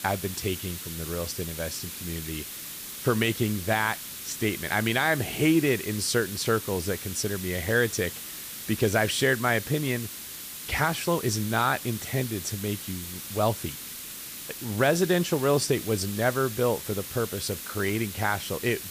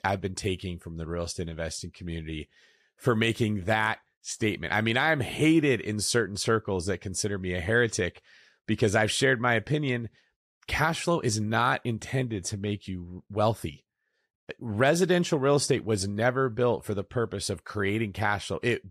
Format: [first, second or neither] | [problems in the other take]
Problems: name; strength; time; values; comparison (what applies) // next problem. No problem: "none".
second | hiss; loud; throughout; 8 dB below the speech